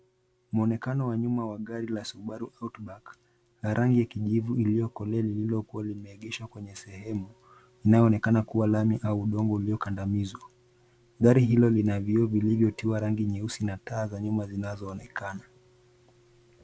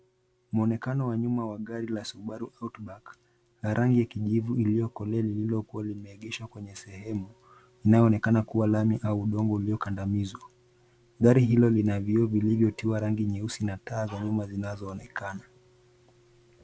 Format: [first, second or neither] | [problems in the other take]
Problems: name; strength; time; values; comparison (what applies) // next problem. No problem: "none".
first | background sound (Dog); 19 dB below the speech